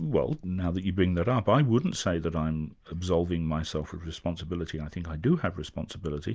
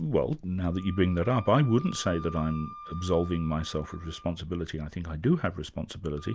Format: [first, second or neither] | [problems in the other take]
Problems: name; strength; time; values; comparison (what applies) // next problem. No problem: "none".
first | background sound (Wind instrument, woodwind instrument); 19 dB below the speech